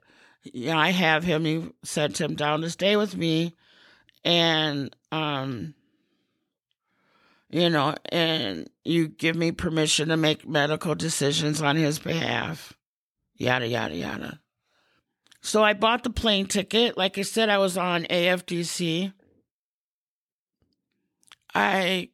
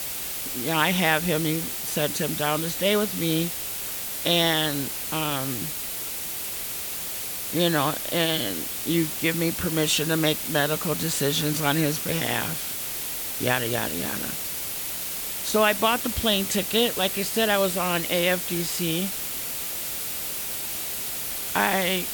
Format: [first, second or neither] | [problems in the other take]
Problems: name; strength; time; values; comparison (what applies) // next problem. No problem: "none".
first | hiss; loud; throughout; 3 dB below the speech